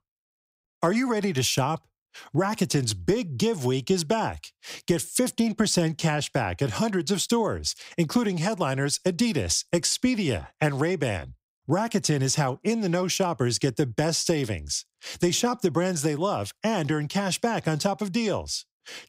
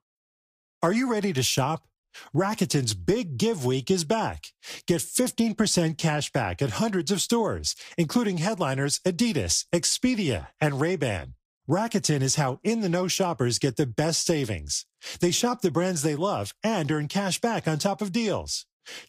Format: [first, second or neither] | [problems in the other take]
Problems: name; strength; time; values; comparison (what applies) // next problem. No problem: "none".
first | garbled, watery; slightly; nothing above 15.5 kHz